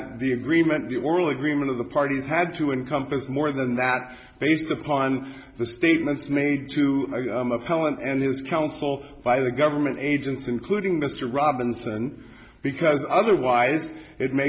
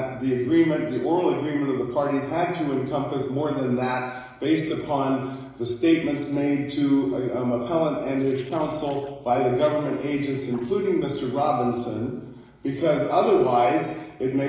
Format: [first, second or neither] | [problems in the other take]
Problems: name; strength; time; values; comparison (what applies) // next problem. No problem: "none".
first | noise reduction (neural separator model SepFormer DNS4)